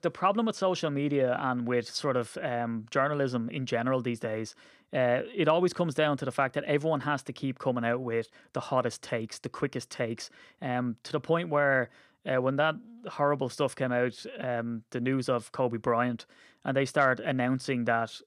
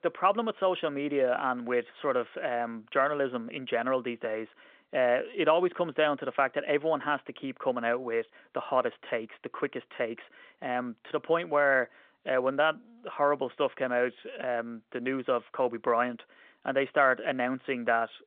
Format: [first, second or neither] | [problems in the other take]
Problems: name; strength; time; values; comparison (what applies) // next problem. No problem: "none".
first | phone-call audio